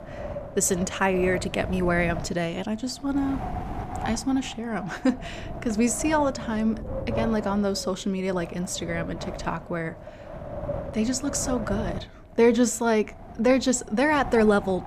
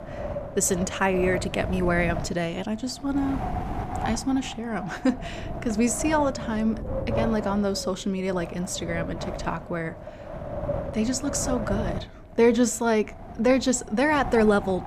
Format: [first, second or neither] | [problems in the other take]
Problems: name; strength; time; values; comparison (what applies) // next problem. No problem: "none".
first | wind noise on the microphone; heavy; 8 dB below the speech; occasional gusts in the first